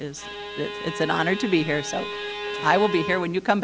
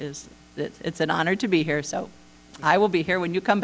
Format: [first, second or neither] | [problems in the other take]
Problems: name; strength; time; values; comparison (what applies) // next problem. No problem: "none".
second | background sound (Bowed string instrument); 8 dB below the speech